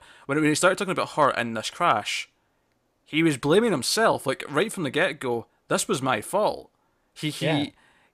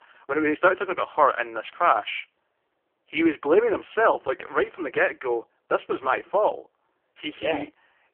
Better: first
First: none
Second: phone-call audio; poor line; nothing above 3 kHz

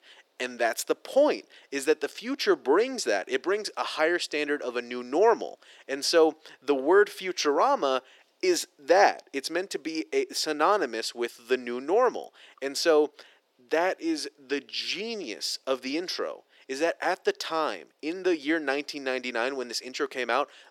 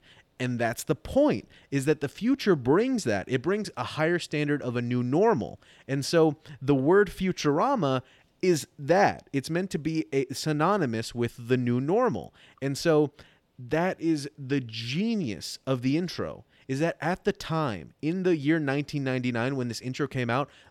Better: second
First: thin; somewhat; fading below 350 Hz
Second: none

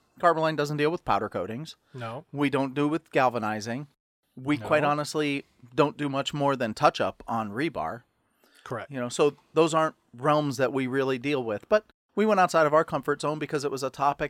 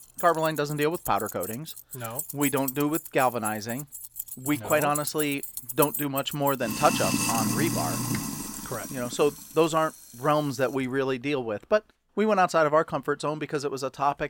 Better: first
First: none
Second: household noises; loud; throughout; 5 dB below the speech

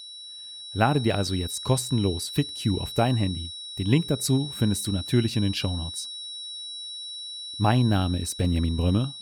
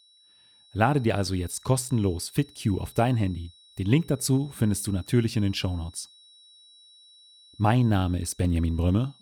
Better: second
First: high-pitched whine; loud; throughout; 4 kHz, 9 dB below the speech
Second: high-pitched whine; faint; throughout; 4 kHz, 25 dB below the speech

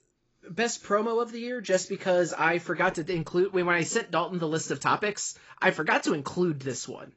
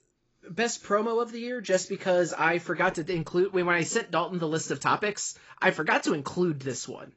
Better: neither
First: garbled, watery; badly; nothing above 7.5 kHz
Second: garbled, watery; badly; nothing above 7.5 kHz

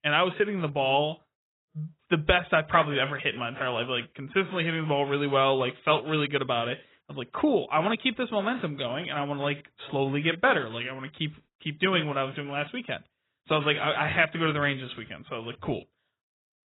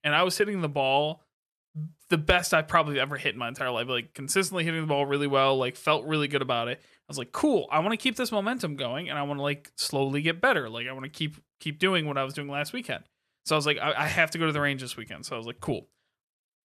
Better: second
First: garbled, watery; badly; nothing above 3.5 kHz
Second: none

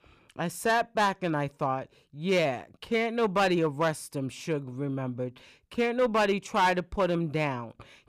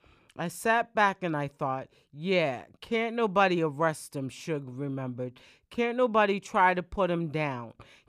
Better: second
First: distortion; slight; 4% of the sound clipped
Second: none

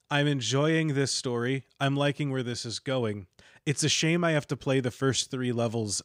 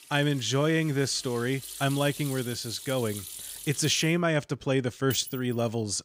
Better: first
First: none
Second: household noises; noticeable; throughout; 10 dB below the speech

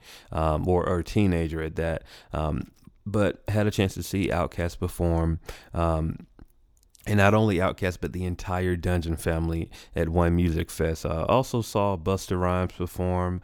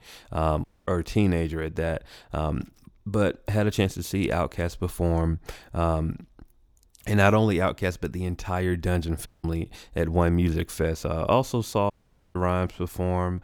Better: first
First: none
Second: audio cutting out; at 0.5 s, at 9.5 s and at 12 s

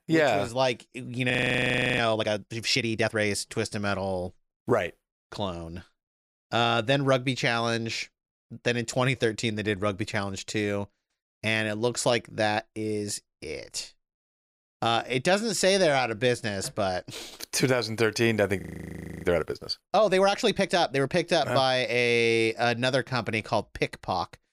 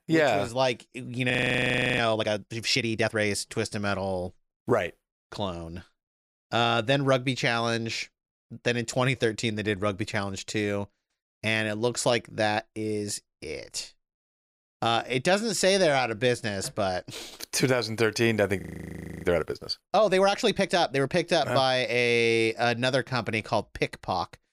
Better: neither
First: audio freezing; at 1.5 s for 0.5 s and at 19 s for 0.5 s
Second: audio freezing; at 1.5 s for 0.5 s and at 19 s for 0.5 s

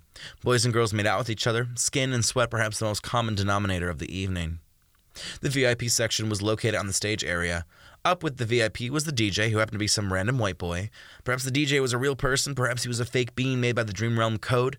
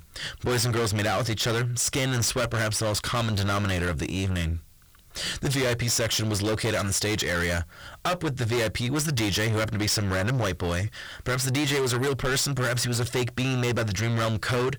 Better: first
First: none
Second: distortion; heavy; 6 dB below the speech

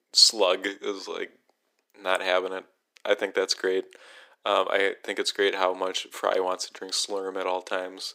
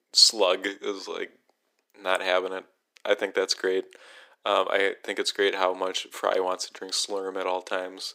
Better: neither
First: thin; very; fading below 350 Hz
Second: thin; very; fading below 350 Hz

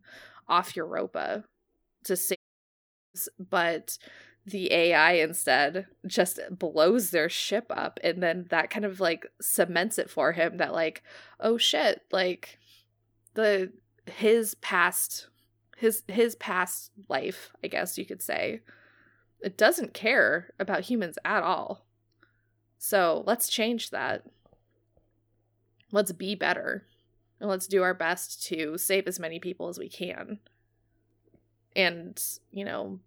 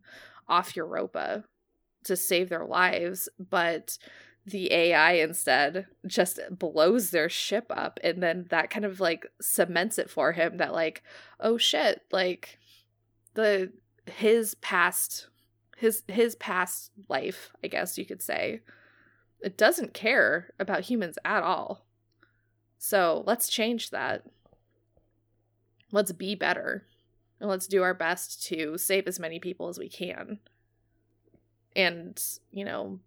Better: second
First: audio cutting out; at 2.5 s for 1 s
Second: none

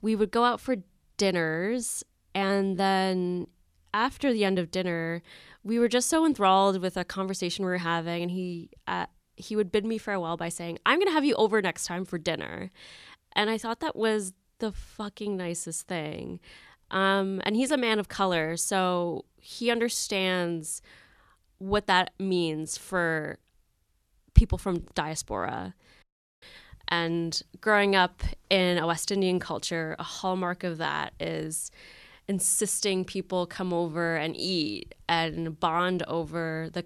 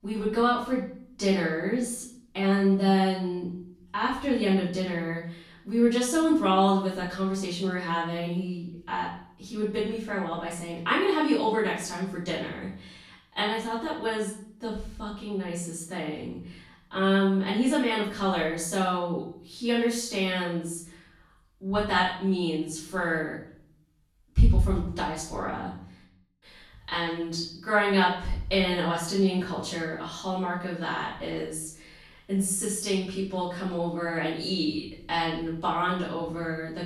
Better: first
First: none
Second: off-mic speech; far // room echo; noticeable; dies away in 0.6 s

